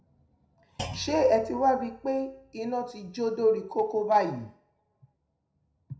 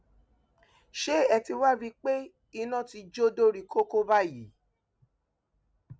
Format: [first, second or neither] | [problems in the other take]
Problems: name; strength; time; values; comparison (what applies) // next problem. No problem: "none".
second | background sound (Thump, thud); 16 dB below the speech // room echo; dies away in 0.4 s